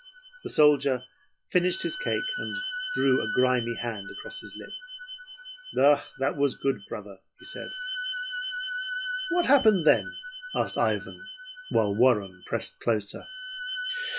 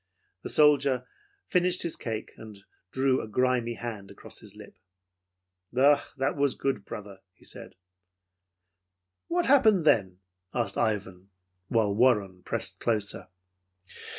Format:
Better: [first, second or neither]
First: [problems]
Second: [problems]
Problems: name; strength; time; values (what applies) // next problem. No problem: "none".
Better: second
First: noise reduction (classical method log-MMSE)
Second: none